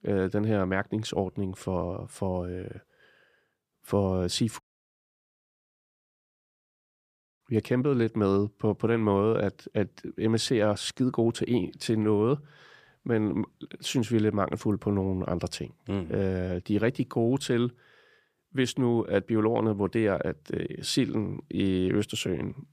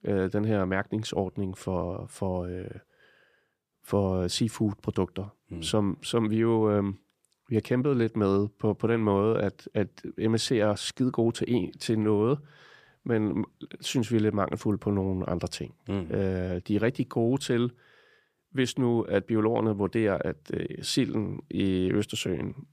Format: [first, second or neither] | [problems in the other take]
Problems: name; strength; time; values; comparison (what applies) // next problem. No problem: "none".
second | audio cutting out; at 4.5 s for 3 s